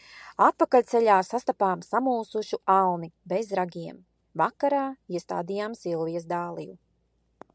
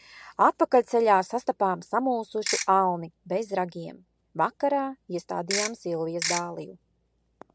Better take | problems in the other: first | background sound (Ratchet, pawl / Percussion); 4 dB below the speech

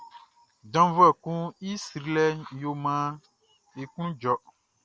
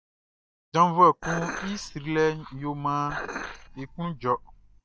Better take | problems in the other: first | noise reduction (neural mask model DeepFilterNet 3)

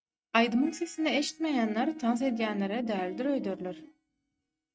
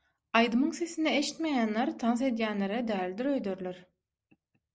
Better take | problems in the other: second | noise reduction (neural mask model RNNoise)

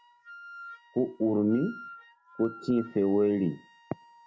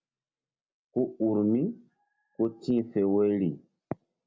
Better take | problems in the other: second | background sound (Wind instrument, woodwind instrument); 19 dB below the speech

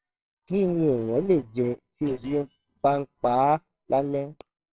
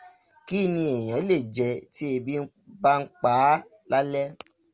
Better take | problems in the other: second | noise reduction (neural separator model SepFormer WHAMR!)

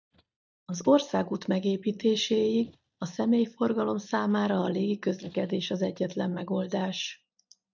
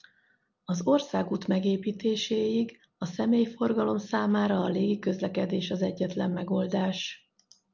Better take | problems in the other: second | noise reduction (neural mask model DeepFilterNet 3)

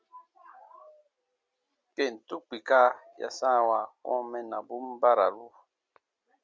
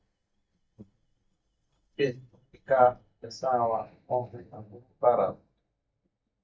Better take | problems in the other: first | noise reduction (neural mask model DeepFilterNet 3)

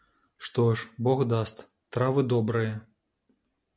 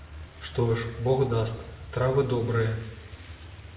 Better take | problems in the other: first | background sound (Truck); 15 dB below the speech // room echo; dies away in 0.8 s

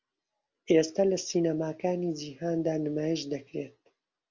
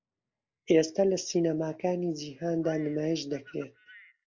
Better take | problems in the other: first | noise reduction (neural mask model Resemble Enhance denoiser)

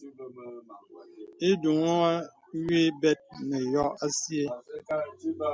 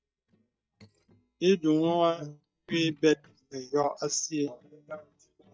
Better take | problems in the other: first | noise reduction (neural mask model DeepFilterNet 3)

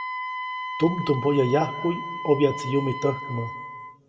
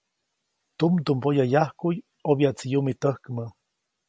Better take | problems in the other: second | background sound (Wind instrument, woodwind instrument); 8 dB below the speech // room echo; dies away in 1.2 s

